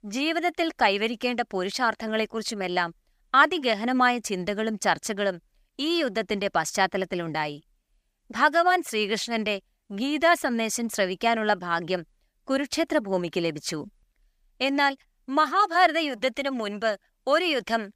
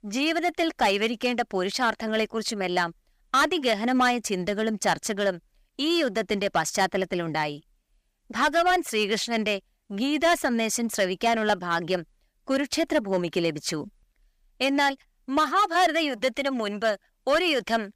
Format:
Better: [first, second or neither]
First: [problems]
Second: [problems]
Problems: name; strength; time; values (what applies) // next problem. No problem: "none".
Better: first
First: none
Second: distortion; slight; 4% of the sound clipped